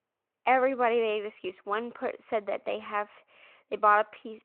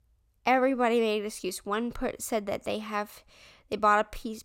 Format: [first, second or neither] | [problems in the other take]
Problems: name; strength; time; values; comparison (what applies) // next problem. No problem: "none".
second | phone-call audio